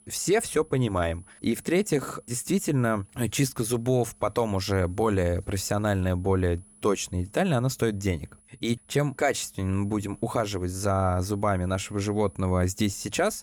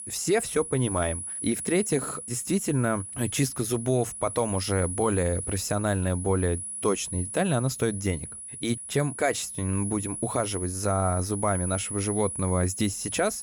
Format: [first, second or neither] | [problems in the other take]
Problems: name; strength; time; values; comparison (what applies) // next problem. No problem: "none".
first | high-pitched whine; loud; throughout; 10 kHz, 6 dB below the speech; faint in the first